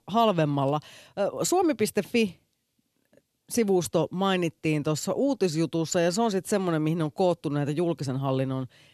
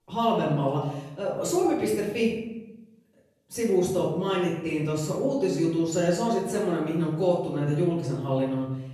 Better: first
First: none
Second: off-mic speech; far // room echo; noticeable; dies away in 0.8 s

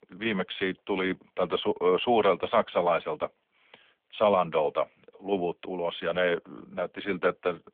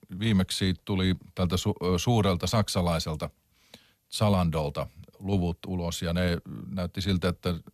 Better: second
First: phone-call audio; nothing above 3.5 kHz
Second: none

